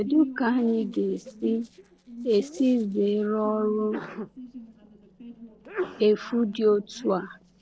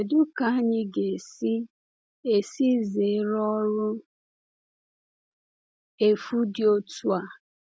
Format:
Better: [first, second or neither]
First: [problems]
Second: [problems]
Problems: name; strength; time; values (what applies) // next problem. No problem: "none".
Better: second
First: noise reduction (neural separator model SepFormer DNS4)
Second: none